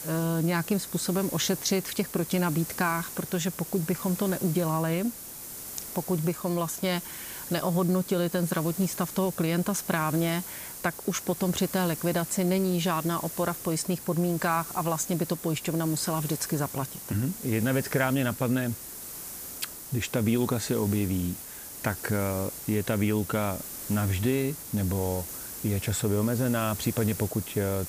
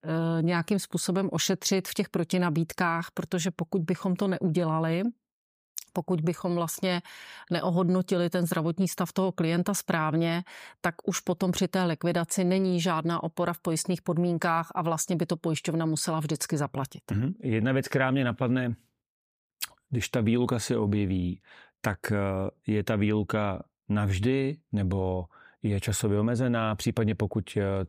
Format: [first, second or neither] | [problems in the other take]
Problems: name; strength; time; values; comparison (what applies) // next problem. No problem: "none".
second | hiss; loud; throughout; 9 dB below the speech